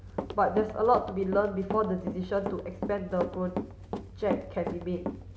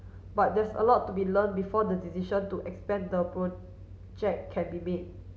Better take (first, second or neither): second